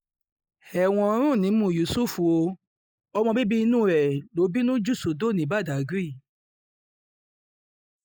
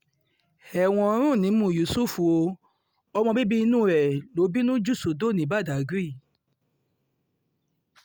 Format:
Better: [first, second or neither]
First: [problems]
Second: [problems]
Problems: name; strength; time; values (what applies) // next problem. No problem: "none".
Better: second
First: noise reduction (neural mask model Resemble Enhance denoiser)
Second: none